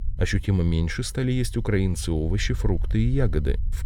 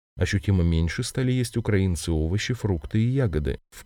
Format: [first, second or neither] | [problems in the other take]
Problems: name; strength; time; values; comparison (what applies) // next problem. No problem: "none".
second | low rumble; faint; throughout; 25 dB below the speech